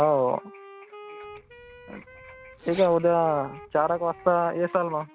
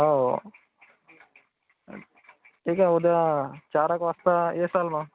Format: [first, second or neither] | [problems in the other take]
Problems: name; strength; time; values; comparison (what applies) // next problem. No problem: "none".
second | background sound (Wind instrument, woodwind instrument + Zipper (clothing)); 19 dB below the speech